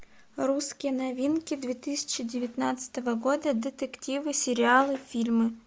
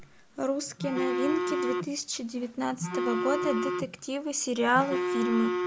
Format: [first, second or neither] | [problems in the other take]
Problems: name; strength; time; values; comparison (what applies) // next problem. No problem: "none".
first | background sound (Telephone); 2 dB below the speech